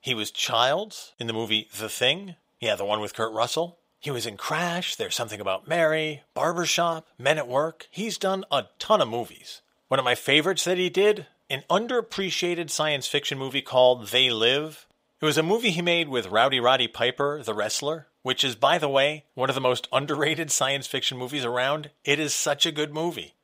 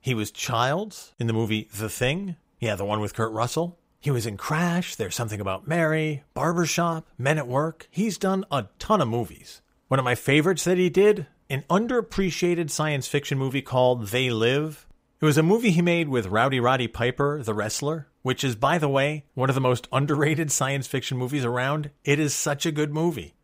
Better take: second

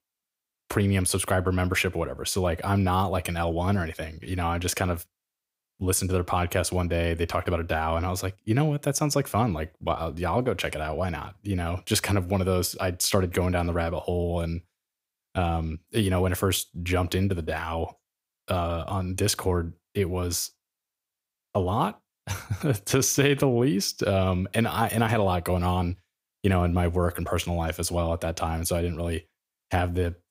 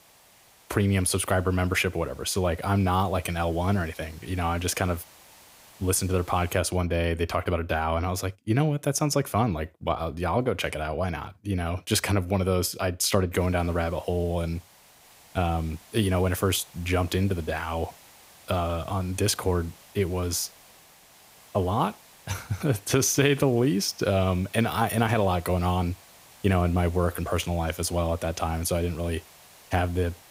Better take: first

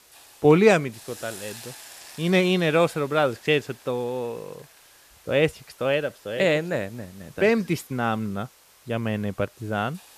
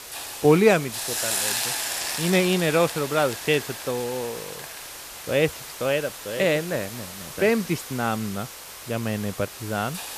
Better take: first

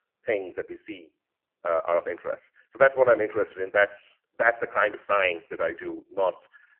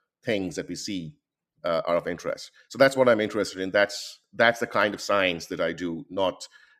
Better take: second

